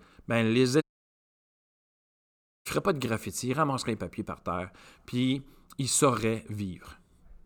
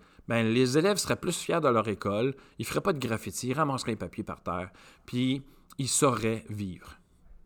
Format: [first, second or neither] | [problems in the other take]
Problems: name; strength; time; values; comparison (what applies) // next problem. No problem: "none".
second | audio cutting out; at 1 s for 2 s